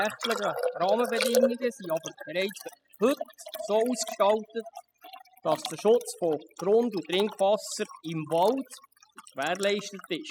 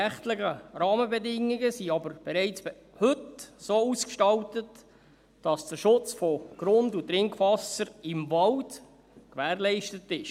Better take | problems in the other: second | noise reduction (classical method spectral subtraction)

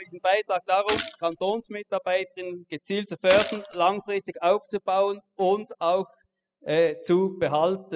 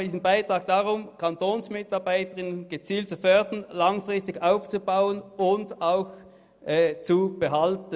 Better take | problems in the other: second | noise reduction (classical method spectral subtraction)

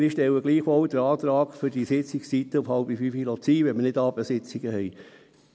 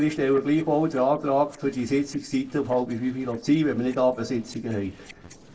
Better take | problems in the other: first | noise reduction (neural separator model SepFormer DNS4)

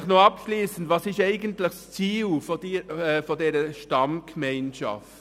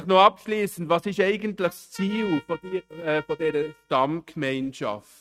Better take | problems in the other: first | noise reduction (neural mask model RNNoise)

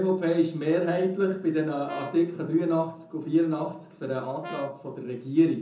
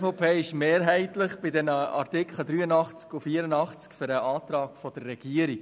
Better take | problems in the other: second | background sound (Brass instrument); 17 dB below the speech // room echo; dies away in 0.5 s

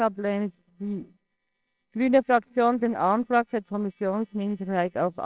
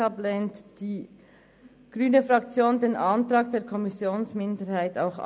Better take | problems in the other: second | noise reduction (neural separator model SepFormer WHAMR!)

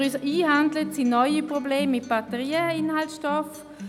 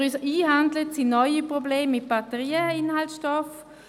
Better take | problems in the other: second | background sound (Acoustic guitar); 15 dB below the speech

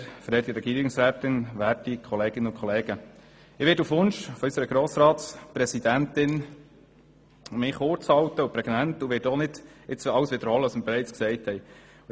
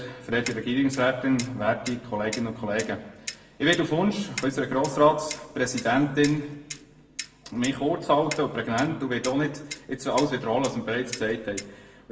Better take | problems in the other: first | background sound (Clock); 15 dB below the speech // room echo; dies away in 0.8 s

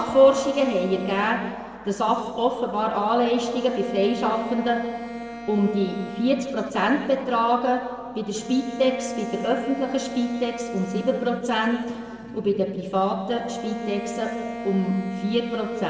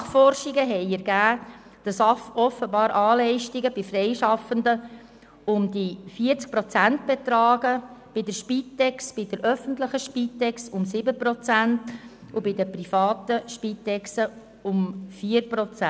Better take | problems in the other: second | background sound (Bowed string instrument); 12 dB below the speech // room echo; dies away in 1.4 s

